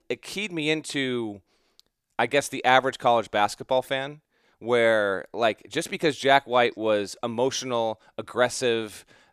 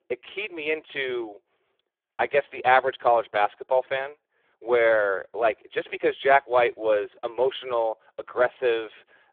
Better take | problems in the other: first | phone-call audio; poor line; nothing above 3.5 kHz

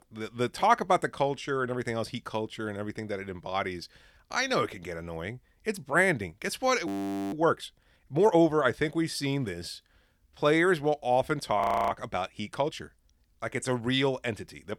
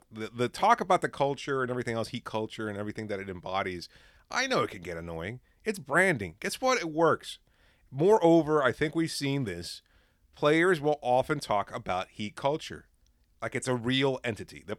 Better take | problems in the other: second | audio freezing; at 7 s and at 12 s

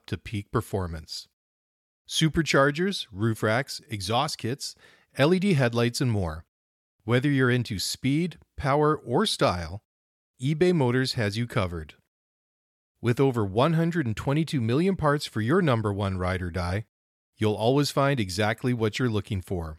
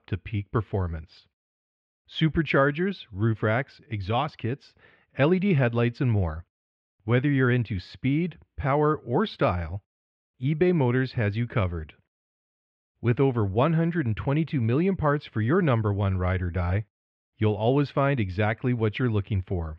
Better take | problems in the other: first | muffled; very; fading above 3 kHz

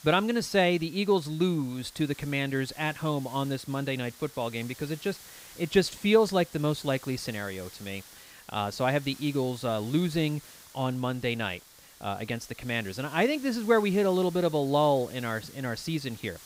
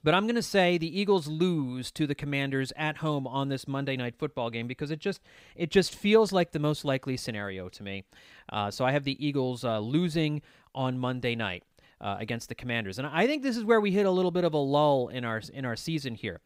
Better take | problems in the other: second | hiss; noticeable; throughout; 20 dB below the speech

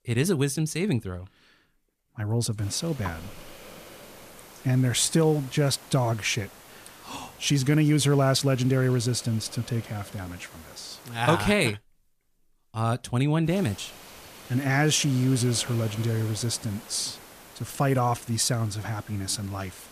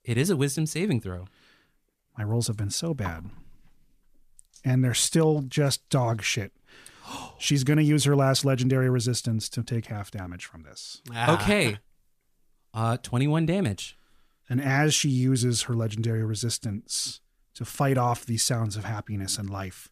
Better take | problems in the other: second | hiss; noticeable; from 2.5 to 12 s and from 13 s on; 20 dB below the speech

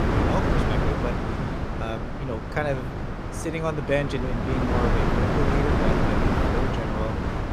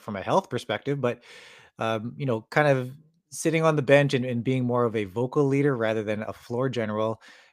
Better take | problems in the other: second | wind noise on the microphone; heavy; 2 dB above the speech

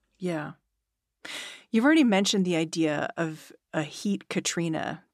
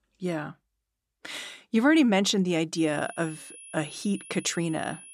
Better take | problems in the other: first | high-pitched whine; noticeable; from 3 s on; 10.5 kHz, 15 dB below the speech

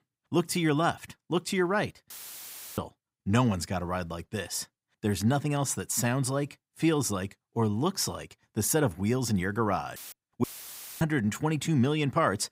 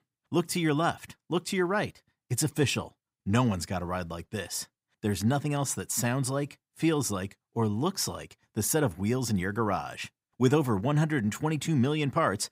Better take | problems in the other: second | audio cutting out; filled with static; at 2 s for 0.5 s and at 10 s for 0.5 s

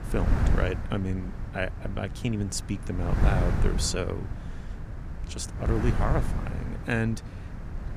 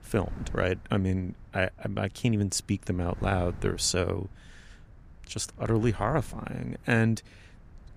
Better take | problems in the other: second | wind noise on the microphone; heavy; 7 dB below the speech; occasional gusts in the second

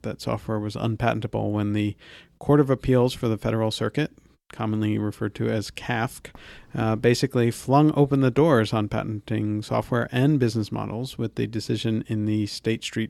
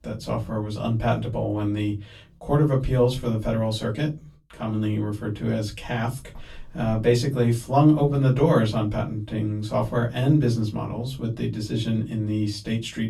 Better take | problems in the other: first | off-mic speech; far // room echo; very slight; dies away in 0.2 s

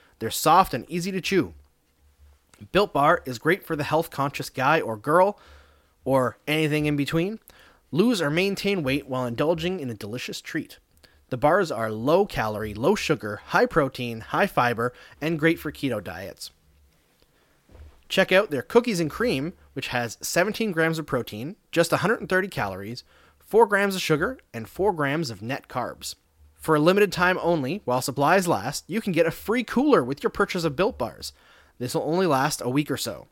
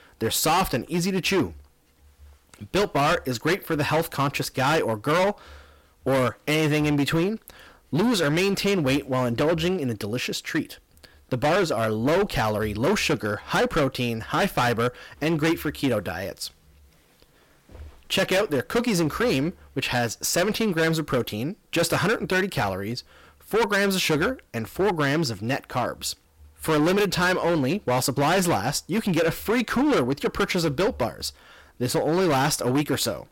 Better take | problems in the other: first | distortion; heavy; 14% of the sound clipped

